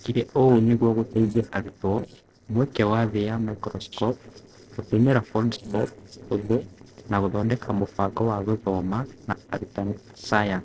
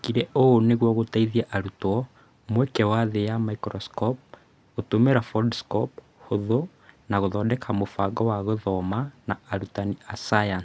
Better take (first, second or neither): second